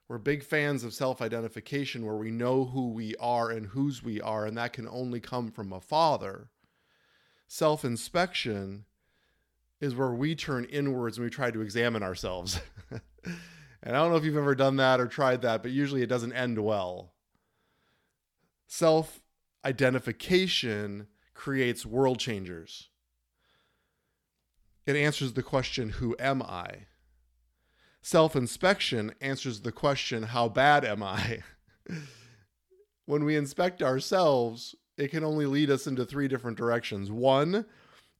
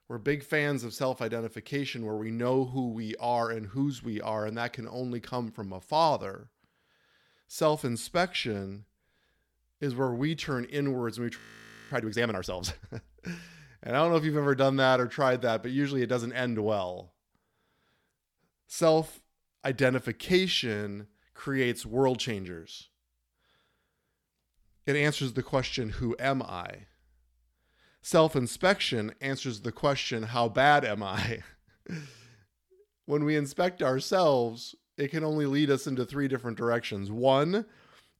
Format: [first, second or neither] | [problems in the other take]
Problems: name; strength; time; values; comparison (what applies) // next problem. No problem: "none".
first | audio freezing; at 11 s for 0.5 s